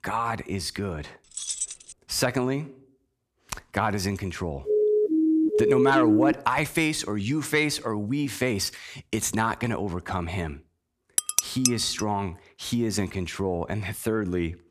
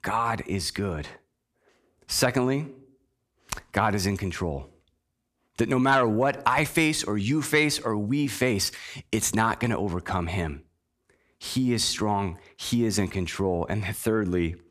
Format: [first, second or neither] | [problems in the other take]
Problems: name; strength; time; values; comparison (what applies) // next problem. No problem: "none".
second | jangling keys; noticeable; at 1.5 s; peak 2 dB below the speech // siren; loud; from 4.5 to 6.5 s; peak 5 dB above the speech // clattering dishes; loud; at 11 s; peak 4 dB above the speech